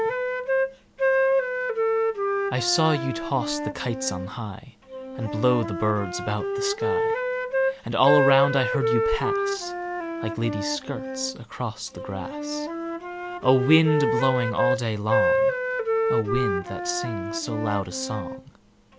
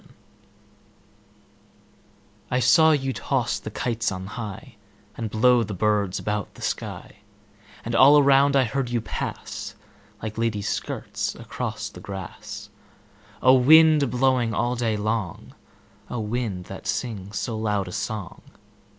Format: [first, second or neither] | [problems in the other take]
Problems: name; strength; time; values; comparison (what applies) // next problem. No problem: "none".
second | background sound (Wind instrument, woodwind instrument); 1 dB above the speech